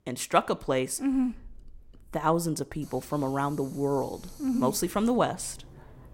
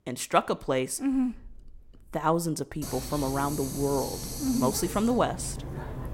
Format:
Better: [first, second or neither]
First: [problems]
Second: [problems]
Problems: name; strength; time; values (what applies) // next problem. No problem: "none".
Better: first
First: hiss; faint; from 3 s on; 20 dB below the speech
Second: hiss; loud; from 3 s on; 8 dB below the speech